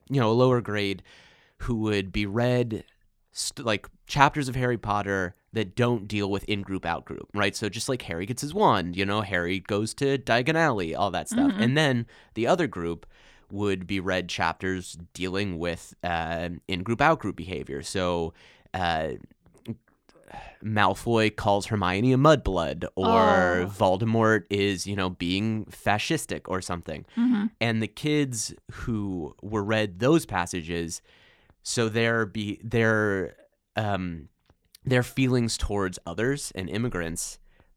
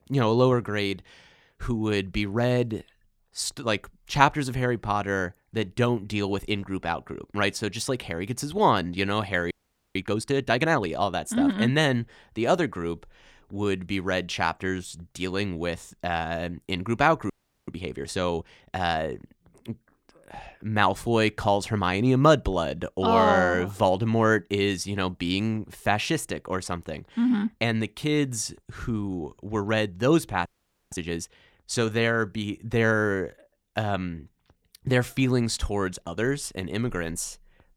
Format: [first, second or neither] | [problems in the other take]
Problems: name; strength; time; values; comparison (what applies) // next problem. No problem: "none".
first | audio freezing; at 9.5 s, at 17 s and at 30 s